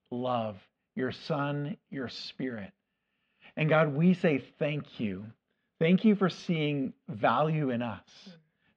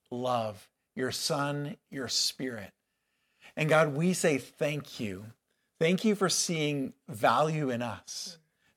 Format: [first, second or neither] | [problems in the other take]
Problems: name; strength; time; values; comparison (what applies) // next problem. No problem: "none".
second | muffled; slightly; fading above 3 kHz